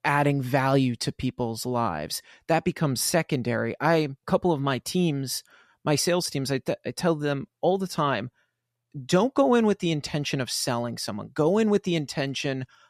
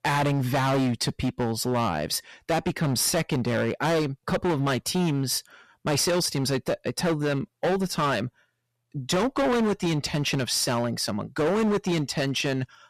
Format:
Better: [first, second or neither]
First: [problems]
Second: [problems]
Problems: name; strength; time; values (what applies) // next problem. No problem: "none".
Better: first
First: none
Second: distortion; heavy; 18% of the sound clipped